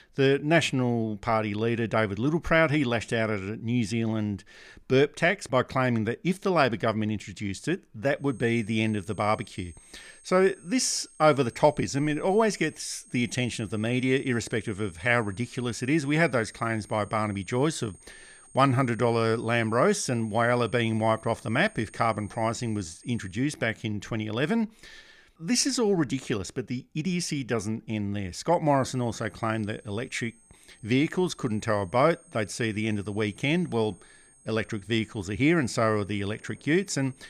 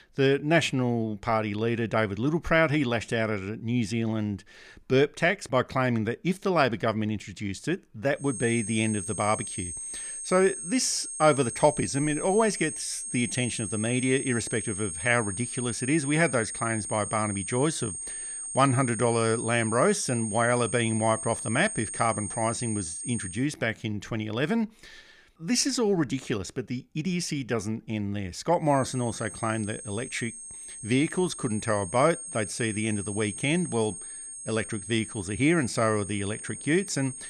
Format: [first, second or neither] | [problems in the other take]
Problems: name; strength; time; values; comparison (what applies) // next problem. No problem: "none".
first | high-pitched whine; loud; from 8.5 to 23 s and from 29 s on; 8.5 kHz, 7 dB below the speech; faint in the first